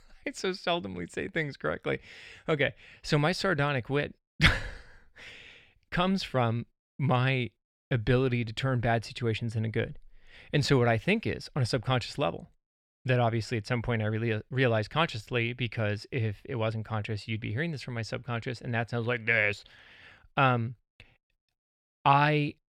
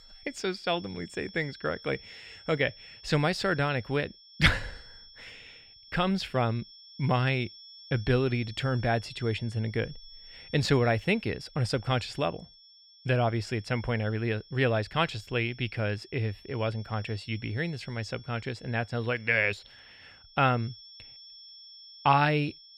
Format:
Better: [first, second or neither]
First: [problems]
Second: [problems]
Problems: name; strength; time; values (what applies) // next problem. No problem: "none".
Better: first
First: none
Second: high-pitched whine; noticeable; throughout; 5.5 kHz, 20 dB below the speech